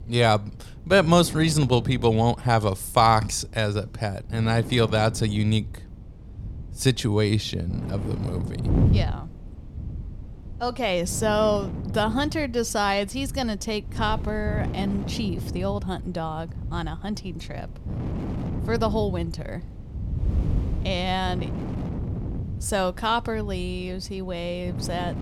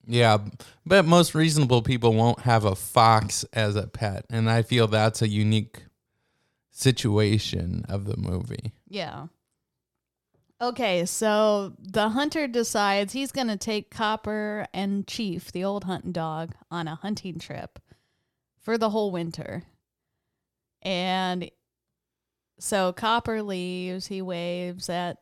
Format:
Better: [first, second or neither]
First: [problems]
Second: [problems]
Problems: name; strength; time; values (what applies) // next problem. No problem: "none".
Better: second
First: wind noise on the microphone; occasional gusts; 15 dB below the speech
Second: none